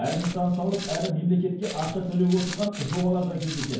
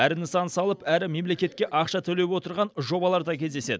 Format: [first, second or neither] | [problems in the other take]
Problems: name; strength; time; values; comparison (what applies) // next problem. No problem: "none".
second | background sound (Walk, footsteps); 13 dB below the speech // room echo; dies away in 0.9 s